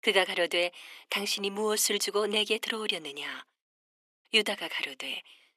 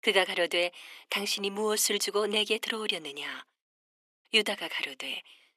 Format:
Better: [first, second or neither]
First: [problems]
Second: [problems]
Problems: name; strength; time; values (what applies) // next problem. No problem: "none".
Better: neither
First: thin; very; fading below 350 Hz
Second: thin; very; fading below 350 Hz